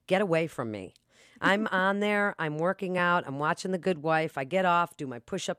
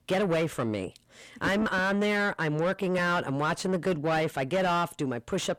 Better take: first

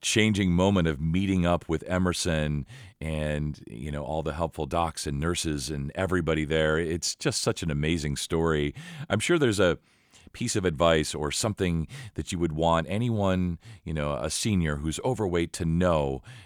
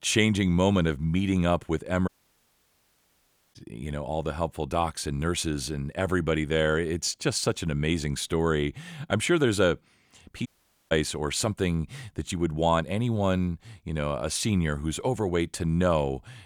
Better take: first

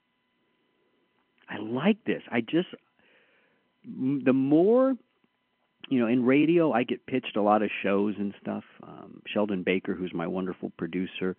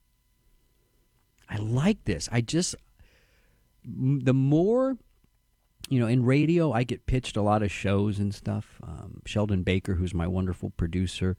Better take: second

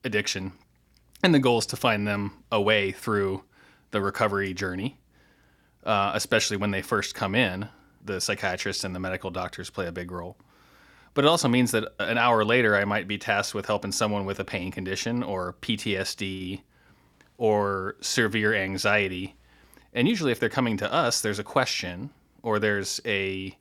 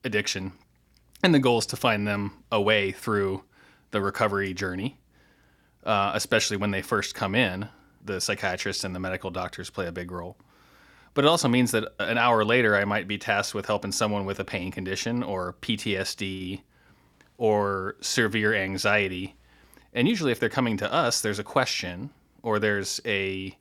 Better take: neither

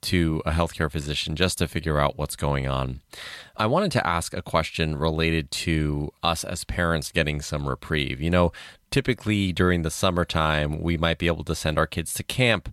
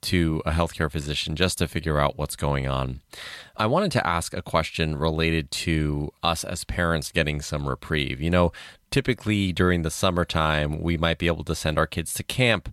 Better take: neither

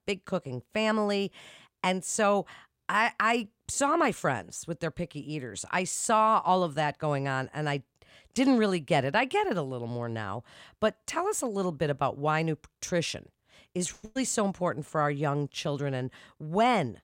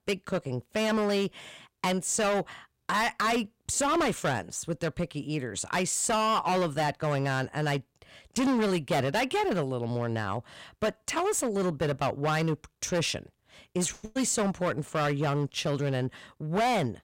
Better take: first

